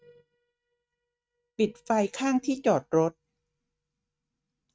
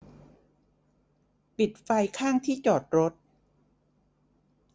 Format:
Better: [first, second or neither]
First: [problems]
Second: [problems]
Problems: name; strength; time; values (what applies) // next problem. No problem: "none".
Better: second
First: noise reduction (neural mask model RNNoise)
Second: none